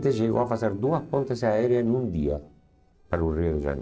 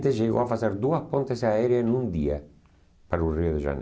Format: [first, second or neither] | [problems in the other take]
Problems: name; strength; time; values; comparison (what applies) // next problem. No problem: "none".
second | noise reduction (neural separator model SepFormer DNS4)